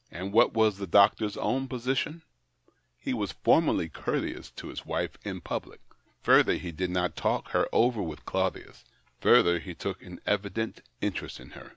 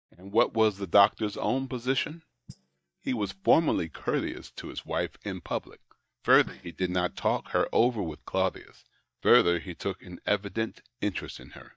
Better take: first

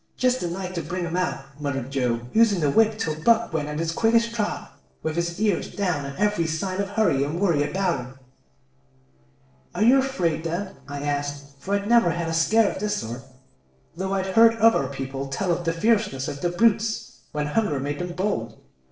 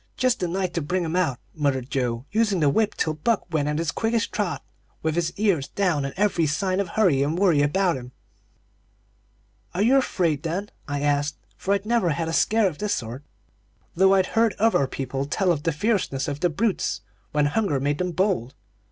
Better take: second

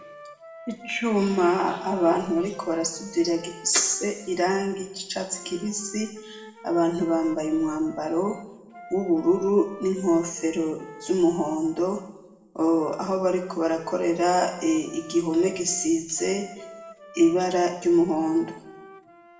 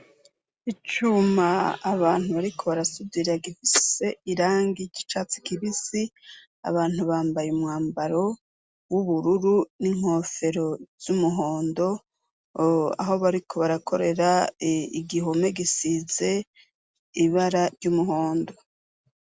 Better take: second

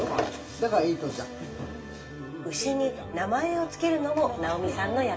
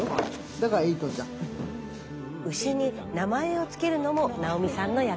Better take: second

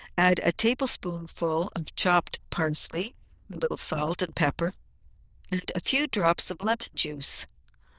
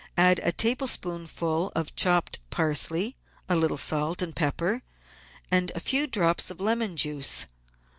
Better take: second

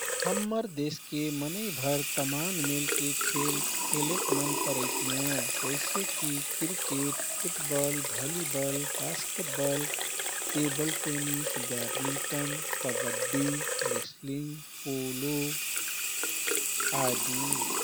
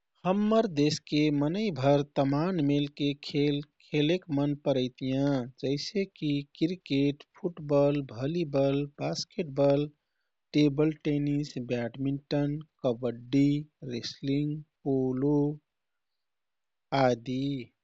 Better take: second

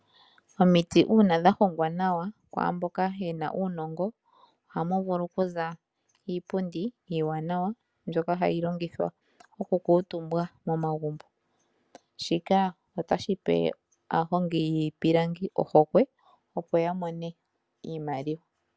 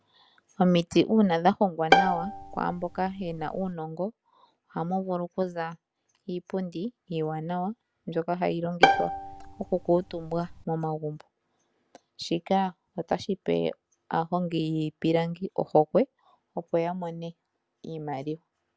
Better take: first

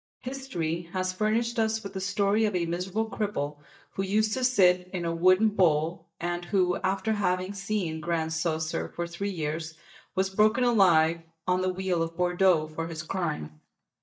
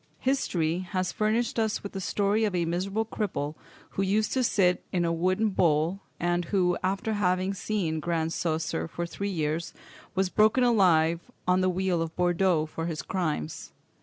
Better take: second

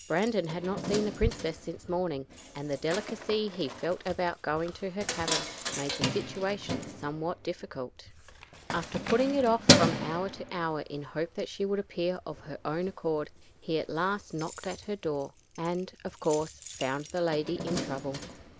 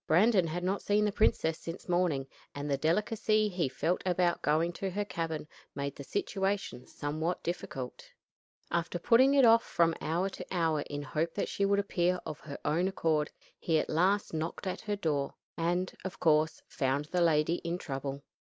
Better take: second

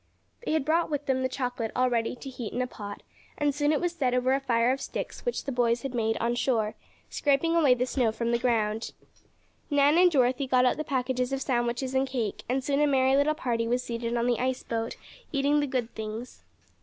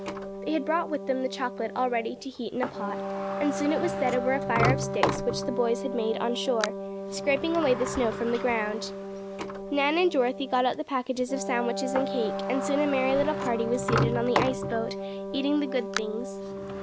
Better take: first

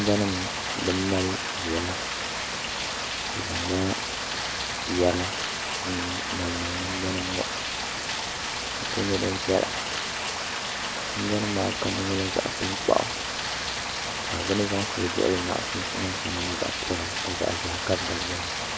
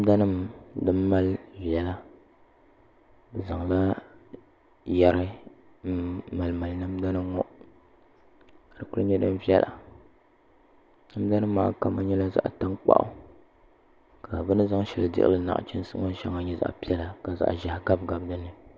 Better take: second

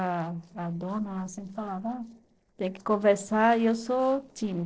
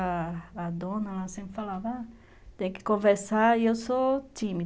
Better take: second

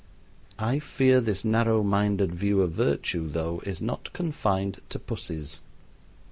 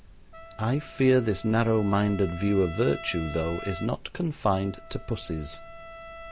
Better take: first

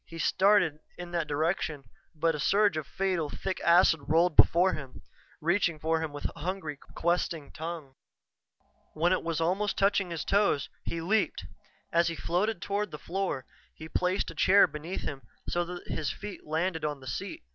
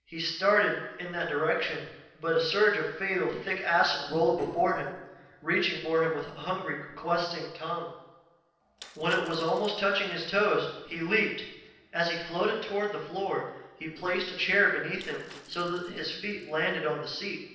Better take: first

